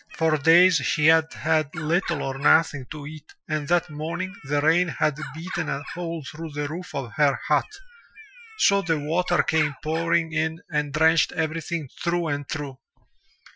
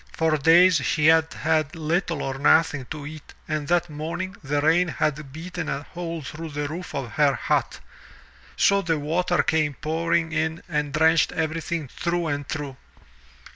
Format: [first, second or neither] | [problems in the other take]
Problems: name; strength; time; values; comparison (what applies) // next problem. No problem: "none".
second | noise reduction (classical method Wiener filter)